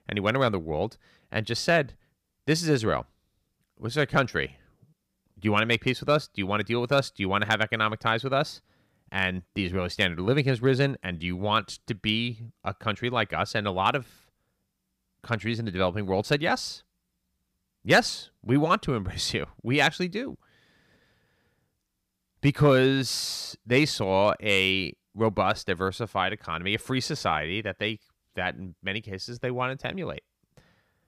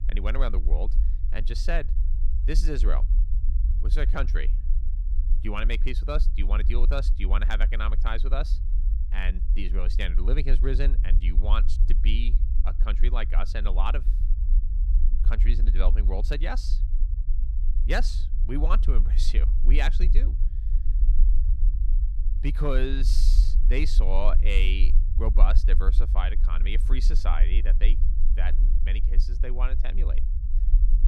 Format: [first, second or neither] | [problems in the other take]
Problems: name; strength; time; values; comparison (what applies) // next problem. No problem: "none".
first | low rumble; noticeable; throughout; 15 dB below the speech